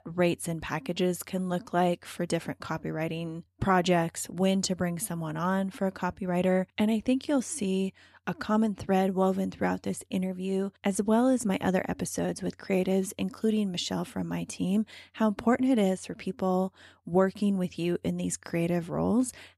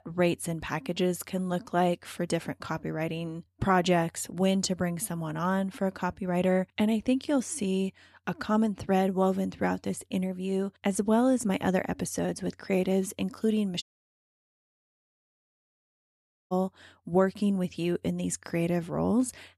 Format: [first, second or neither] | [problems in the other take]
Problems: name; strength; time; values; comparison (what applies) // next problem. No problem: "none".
first | audio cutting out; at 14 s for 2.5 s